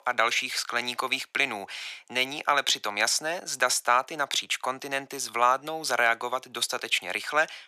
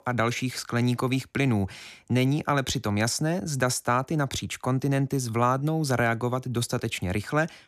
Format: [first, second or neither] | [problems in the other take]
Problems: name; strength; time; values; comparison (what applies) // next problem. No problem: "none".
second | thin; very; fading below 750 Hz